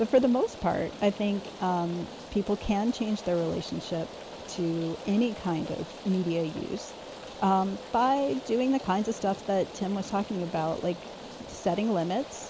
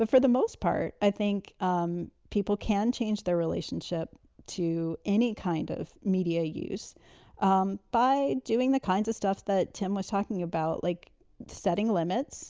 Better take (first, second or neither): second